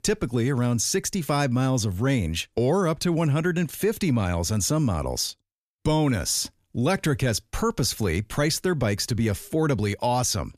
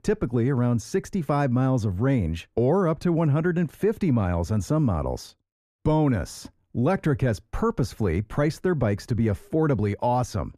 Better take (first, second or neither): first